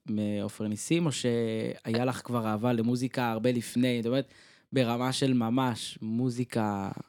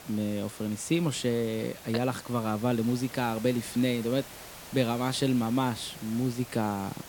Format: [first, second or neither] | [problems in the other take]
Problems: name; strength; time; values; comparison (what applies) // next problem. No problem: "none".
first | hiss; noticeable; throughout; 15 dB below the speech